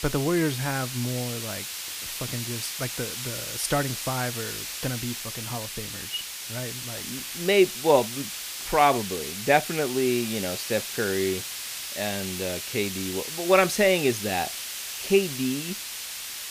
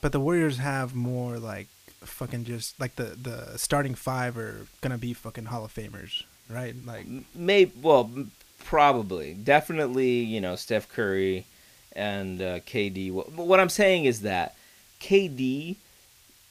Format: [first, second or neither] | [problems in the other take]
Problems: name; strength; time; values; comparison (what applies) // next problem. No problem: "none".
second | hiss; loud; throughout; 5 dB below the speech; faint in the second